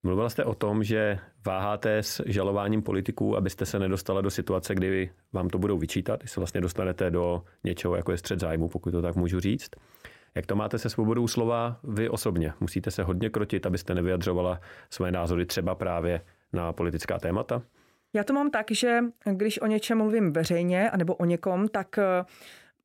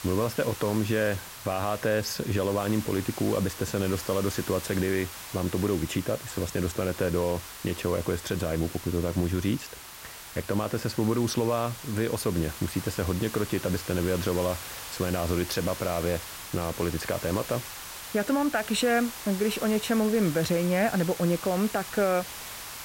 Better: first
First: none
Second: hiss; noticeable; throughout; 10 dB below the speech

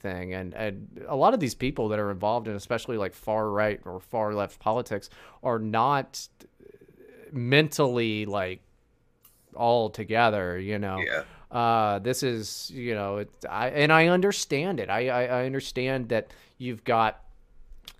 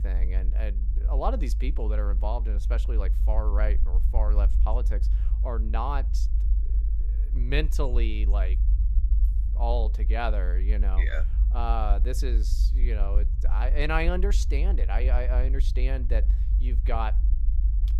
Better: first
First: none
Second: low rumble; noticeable; throughout; 15 dB below the speech

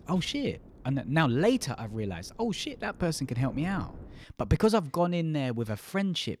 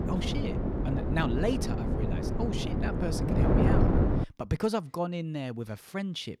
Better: first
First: wind noise on the microphone; occasional gusts; until 4 s; 25 dB below the speech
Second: wind noise on the microphone; heavy; until 4 s; 1 dB above the speech

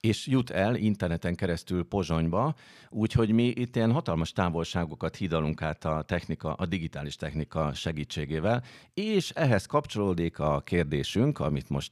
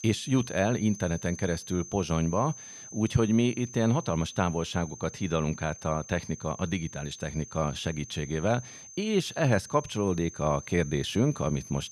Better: first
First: none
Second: high-pitched whine; noticeable; throughout; 6.5 kHz, 15 dB below the speech

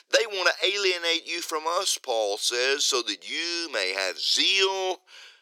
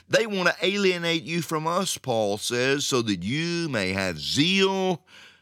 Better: second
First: thin; very; fading below 350 Hz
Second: none

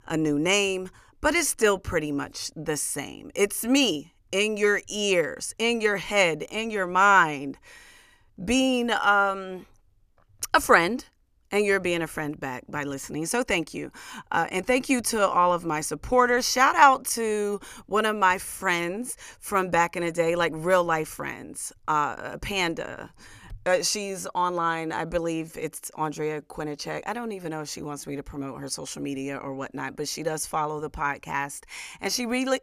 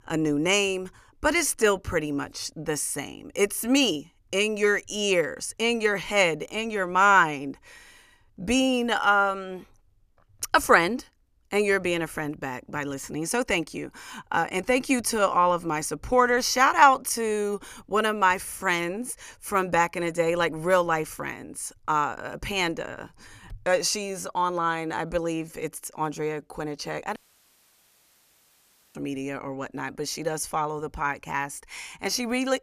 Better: first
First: none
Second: audio cutting out; at 27 s for 2 s

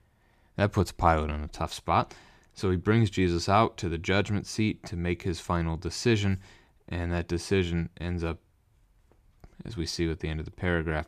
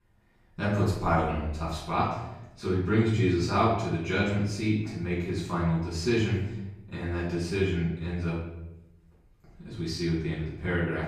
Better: first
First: none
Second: off-mic speech; far // room echo; noticeable; dies away in 0.8 s

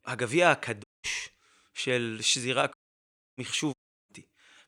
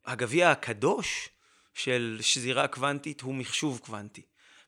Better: second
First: audio cutting out; at 1 s, at 2.5 s for 0.5 s and at 3.5 s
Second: none

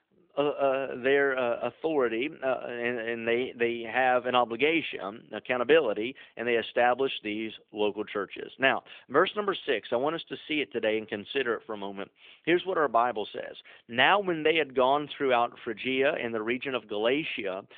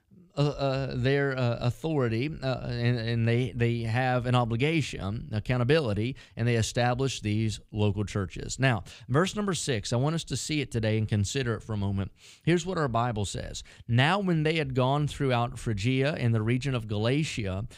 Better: second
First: phone-call audio; nothing above 3.5 kHz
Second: none

